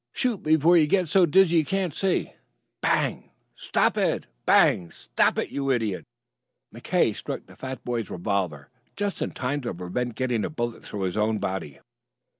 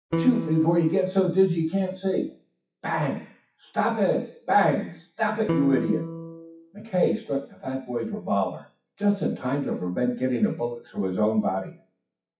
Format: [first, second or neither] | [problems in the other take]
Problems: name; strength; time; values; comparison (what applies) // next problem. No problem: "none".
first | noise reduction (classical method WPE with log-MMSE)